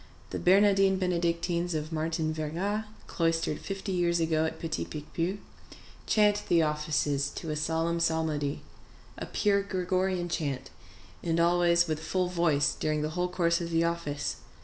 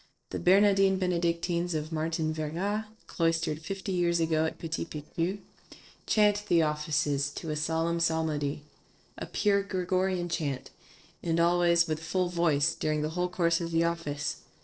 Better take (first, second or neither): first